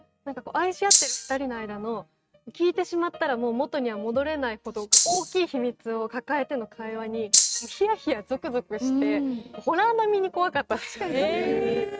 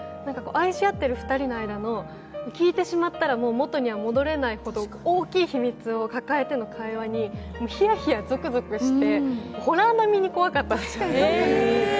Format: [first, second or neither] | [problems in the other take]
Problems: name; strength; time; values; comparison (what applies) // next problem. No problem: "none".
second | noise reduction (neural mask model RNNoise)